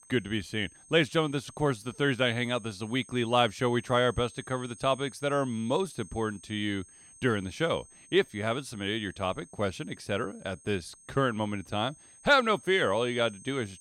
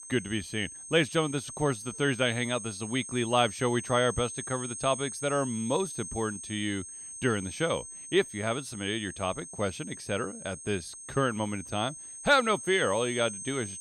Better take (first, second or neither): first